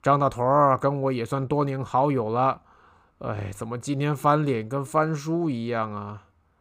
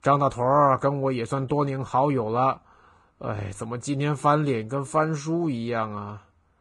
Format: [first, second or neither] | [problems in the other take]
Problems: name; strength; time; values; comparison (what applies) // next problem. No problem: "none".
first | garbled, watery; badly